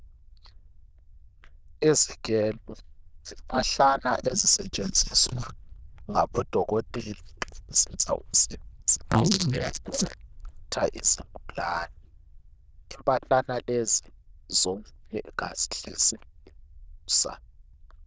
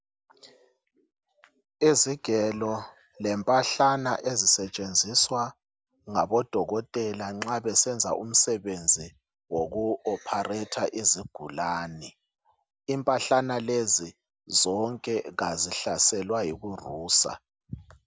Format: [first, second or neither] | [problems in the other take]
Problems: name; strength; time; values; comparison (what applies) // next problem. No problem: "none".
second | noise reduction (neural diffusion model UNIVERSE++)